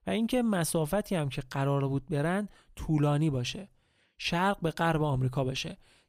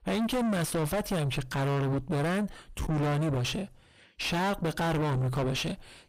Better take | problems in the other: first | distortion; heavy; 4 dB below the speech

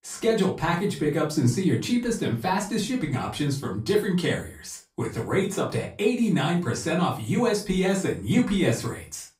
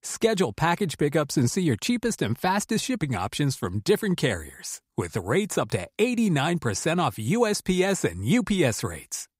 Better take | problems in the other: second | room echo; slight; dies away in 0.3 s // off-mic speech; far

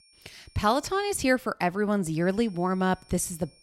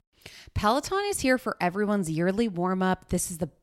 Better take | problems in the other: second | high-pitched whine; faint; until 1 s and from 2 s on; 5.5 kHz, 30 dB below the speech

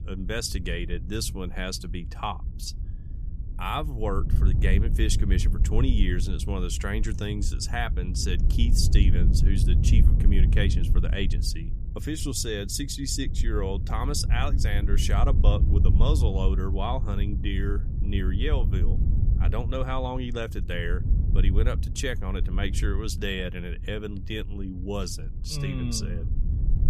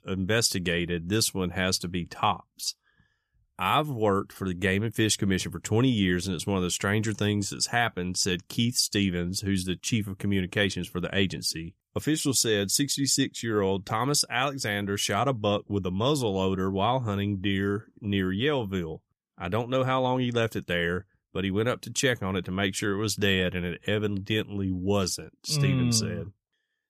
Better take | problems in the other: second | wind noise on the microphone; occasional gusts; 10 dB below the speech

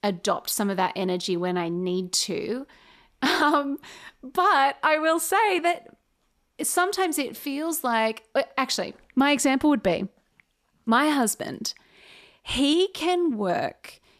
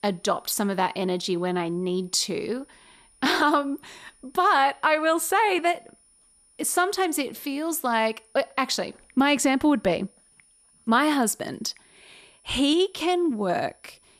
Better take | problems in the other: first | high-pitched whine; faint; throughout; 9.5 kHz, 30 dB below the speech

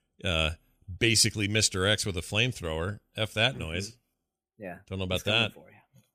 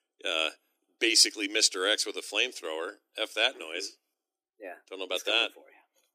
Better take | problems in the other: first | thin; very; fading below 300 Hz

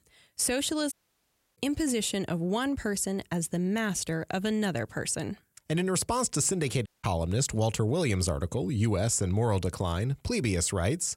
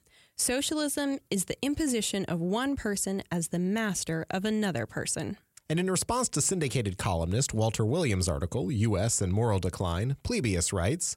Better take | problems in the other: second | audio cutting out; at 1 s for 0.5 s and at 7 s

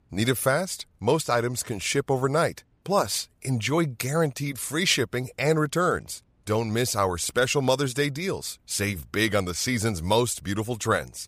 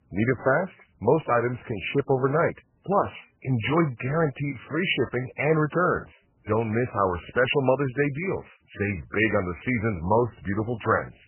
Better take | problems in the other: first | garbled, watery; badly; nothing above 3 kHz

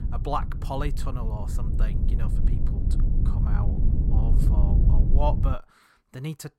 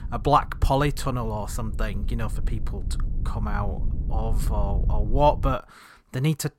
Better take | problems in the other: second | low rumble; loud; until 5.5 s; 6 dB below the speech; faint in the second

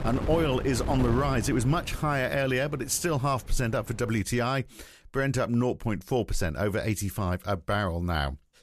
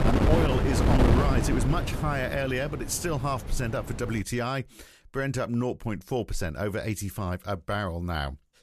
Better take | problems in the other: first | wind noise on the microphone; heavy; until 4 s; 1 dB above the speech; occasional gusts in the first

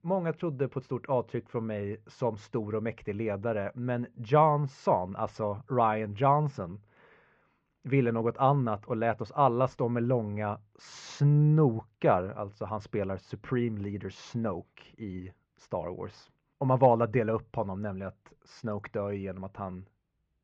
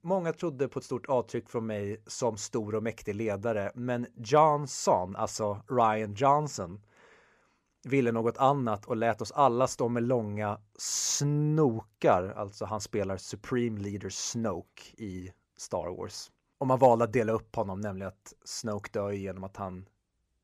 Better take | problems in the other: second | muffled; very; fading above 3 kHz

